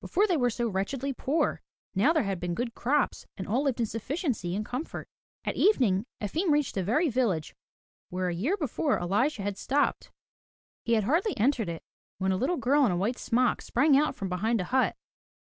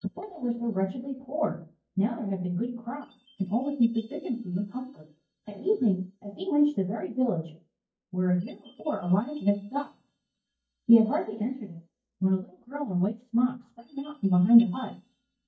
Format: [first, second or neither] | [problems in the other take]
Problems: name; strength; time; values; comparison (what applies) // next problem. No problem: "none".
first | noise reduction (neural mask model DeepFilterNet 3)